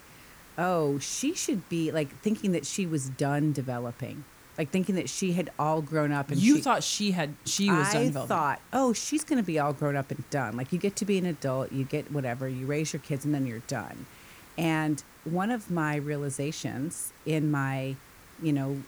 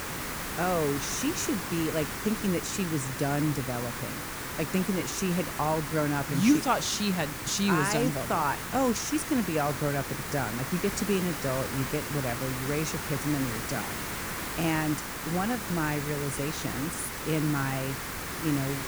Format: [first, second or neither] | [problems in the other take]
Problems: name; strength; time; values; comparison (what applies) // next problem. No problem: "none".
first | hiss; loud; throughout; 4 dB below the speech; faint in the first